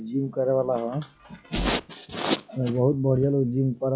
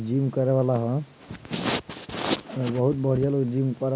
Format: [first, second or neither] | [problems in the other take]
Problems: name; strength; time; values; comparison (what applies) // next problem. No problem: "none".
second | noise reduction (classical method log-MMSE)